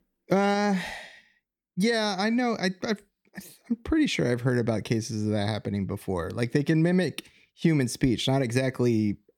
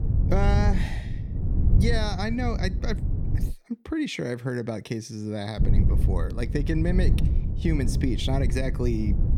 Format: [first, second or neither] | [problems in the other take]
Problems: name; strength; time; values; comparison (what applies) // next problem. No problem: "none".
first | wind noise on the microphone; heavy; until 3.5 s and from 5.5 s on; 8 dB below the speech